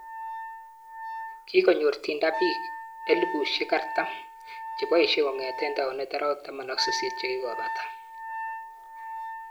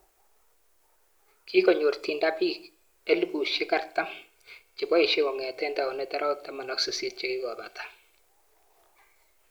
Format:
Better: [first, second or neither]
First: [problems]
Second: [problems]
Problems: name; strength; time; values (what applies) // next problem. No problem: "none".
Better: second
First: background sound (Wind instrument, woodwind instrument); 8 dB below the speech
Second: none